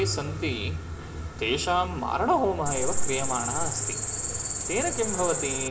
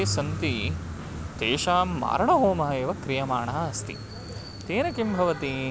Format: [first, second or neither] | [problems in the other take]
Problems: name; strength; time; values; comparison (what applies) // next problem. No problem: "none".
second | background sound (Cricket); 1 dB above the speech // room echo; dies away in 0.5 s